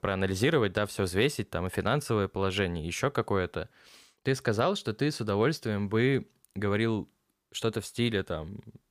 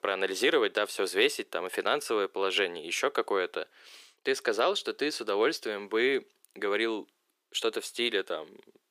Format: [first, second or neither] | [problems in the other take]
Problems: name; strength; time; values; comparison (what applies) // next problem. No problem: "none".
first | thin; somewhat; fading below 350 Hz